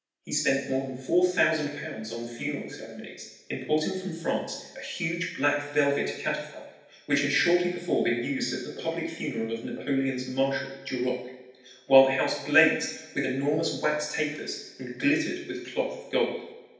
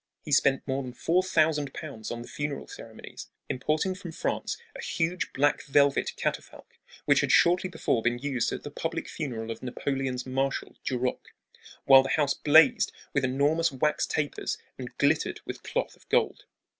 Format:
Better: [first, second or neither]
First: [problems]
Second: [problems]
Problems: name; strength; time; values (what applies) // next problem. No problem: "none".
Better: second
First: room echo; dies away in 0.9 s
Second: none